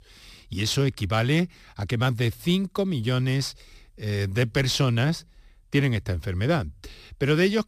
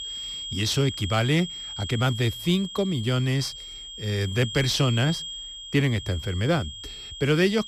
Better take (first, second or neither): first